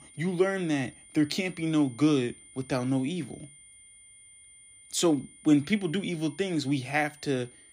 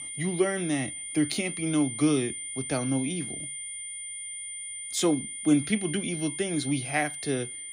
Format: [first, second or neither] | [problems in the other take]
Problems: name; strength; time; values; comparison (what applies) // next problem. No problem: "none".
first | high-pitched whine; loud; throughout; 9 kHz, 6 dB below the speech; faint in the first